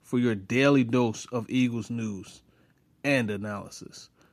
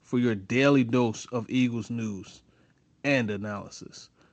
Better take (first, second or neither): first